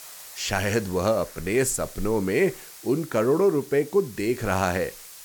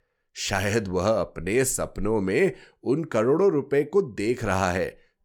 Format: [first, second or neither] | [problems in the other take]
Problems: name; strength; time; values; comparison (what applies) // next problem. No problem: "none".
second | hiss; noticeable; throughout; 15 dB below the speech